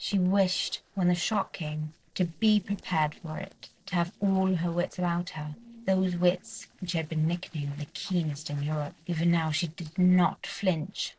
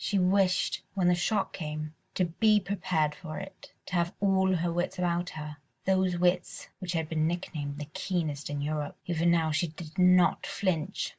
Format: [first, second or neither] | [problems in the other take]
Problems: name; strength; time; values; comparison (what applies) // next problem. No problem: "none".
second | noise reduction (neural separator model SepFormer DNS4)